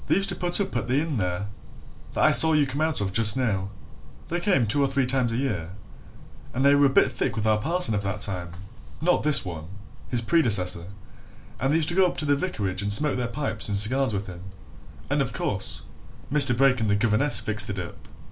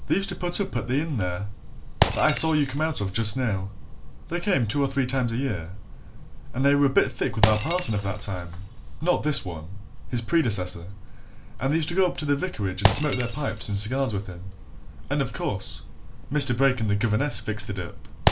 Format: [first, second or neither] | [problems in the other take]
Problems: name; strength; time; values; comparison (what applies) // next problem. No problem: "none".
first | background sound (Shatter); 8 dB below the speech